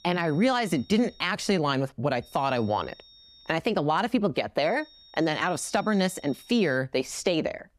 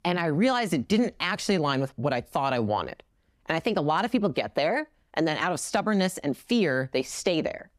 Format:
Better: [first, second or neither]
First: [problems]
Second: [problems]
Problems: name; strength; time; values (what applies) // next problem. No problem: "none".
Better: second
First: high-pitched whine; faint; until 1 s, from 2 to 3.5 s and from 4.5 to 7 s; 3.5 kHz, 25 dB below the speech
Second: none